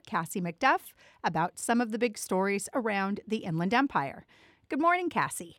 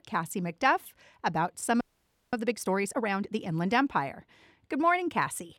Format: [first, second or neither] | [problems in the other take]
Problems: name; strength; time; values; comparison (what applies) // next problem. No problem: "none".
first | audio freezing; at 2 s for 0.5 s